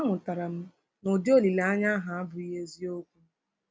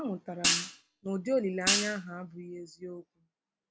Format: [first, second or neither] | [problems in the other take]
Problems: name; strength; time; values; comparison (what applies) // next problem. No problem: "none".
first | background sound (Hi-hat); 4 dB above the speech